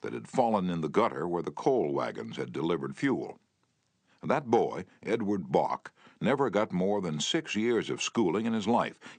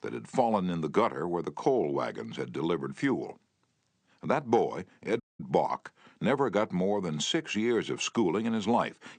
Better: first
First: none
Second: audio cutting out; at 5 s

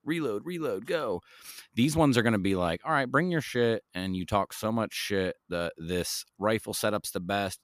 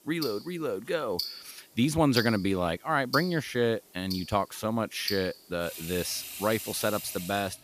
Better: first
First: none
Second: household noises; loud; throughout; 8 dB below the speech

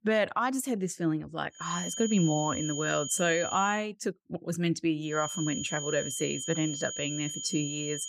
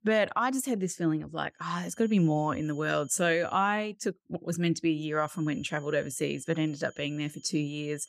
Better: second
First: high-pitched whine; loud; from 1.5 to 3.5 s and from 5 s on; 7 kHz, 5 dB below the speech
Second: high-pitched whine; faint; from 1.5 to 3.5 s and from 5 s on; 7 kHz, 25 dB below the speech

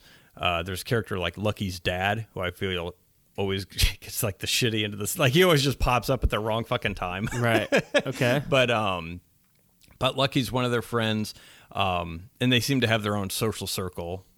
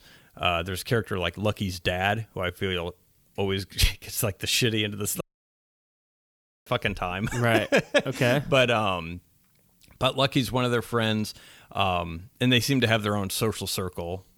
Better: first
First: none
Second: audio cutting out; at 5 s for 1.5 s

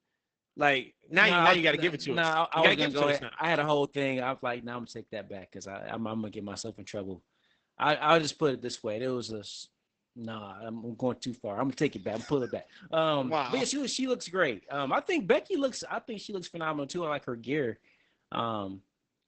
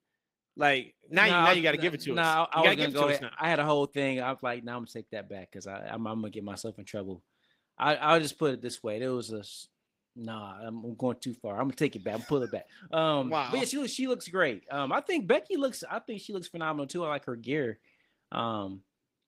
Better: second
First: garbled, watery; badly; nothing above 8 kHz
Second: garbled, watery; slightly; nothing above 15.5 kHz

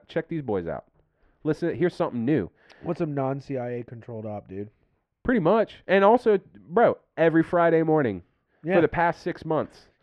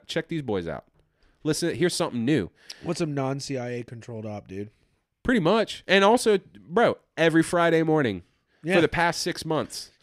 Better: second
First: muffled; very; fading above 4 kHz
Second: none

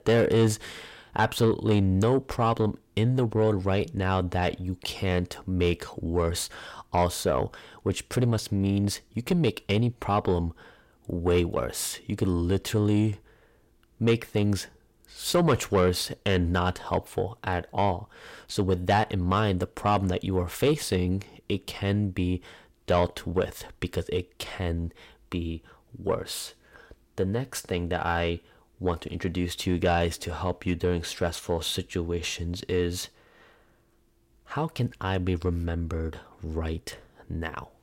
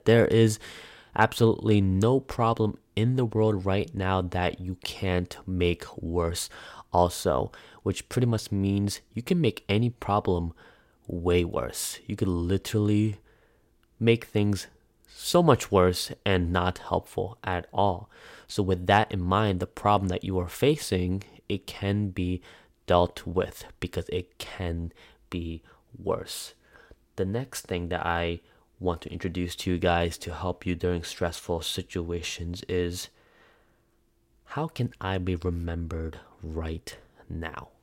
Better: second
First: distortion; slight; 10 dB below the speech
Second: none

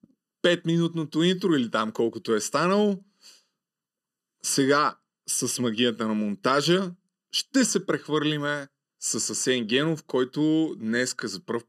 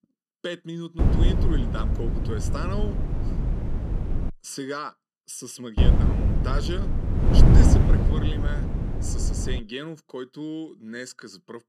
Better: first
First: none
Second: wind noise on the microphone; heavy; from 1 to 4.5 s and from 6 to 9.5 s; 1 dB above the speech

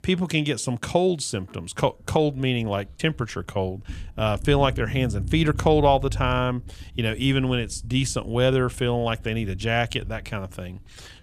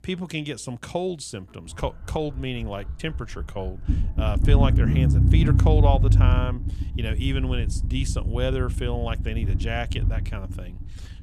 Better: first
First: low rumble; faint; throughout; 25 dB below the speech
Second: low rumble; loud; throughout; 6 dB below the speech

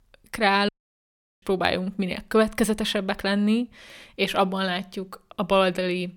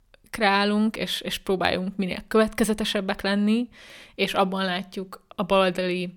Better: second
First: audio cutting out; at 0.5 s for 0.5 s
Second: none

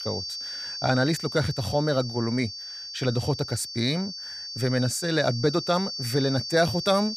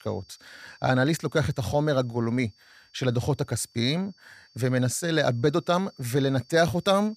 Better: second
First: high-pitched whine; loud; throughout; 4.5 kHz, 7 dB below the speech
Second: high-pitched whine; faint; throughout; 4.5 kHz, 30 dB below the speech

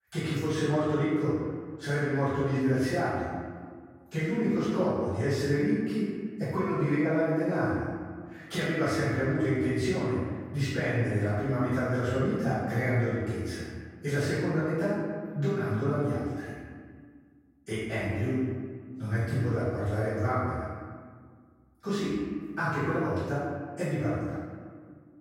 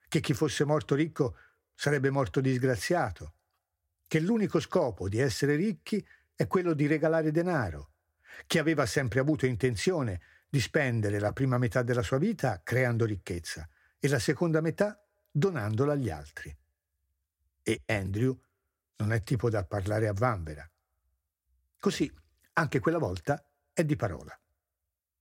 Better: second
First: off-mic speech; far // room echo; strong; dies away in 1.7 s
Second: none

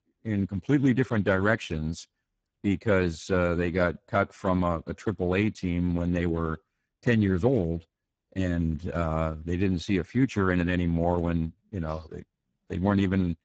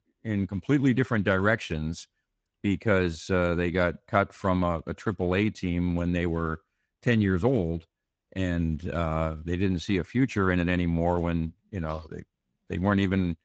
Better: second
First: garbled, watery; badly; nothing above 7.5 kHz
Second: garbled, watery; slightly; nothing above 7.5 kHz

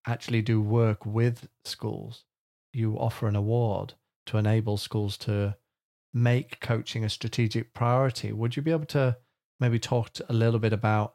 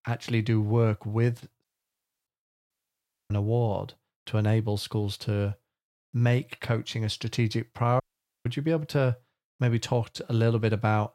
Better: first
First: none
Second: audio cutting out; at 1.5 s for 0.5 s, at 2.5 s for 0.5 s and at 8 s

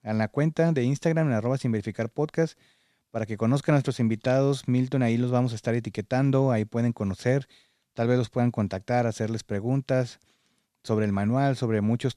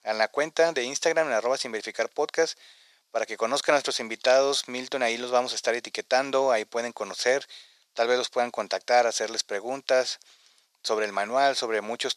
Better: first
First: none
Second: thin; very; fading below 550 Hz

